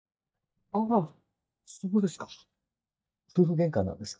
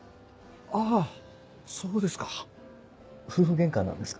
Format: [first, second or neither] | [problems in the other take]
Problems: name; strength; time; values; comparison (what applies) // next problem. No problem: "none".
second | noise reduction (neural mask model DeepFilterNet 3)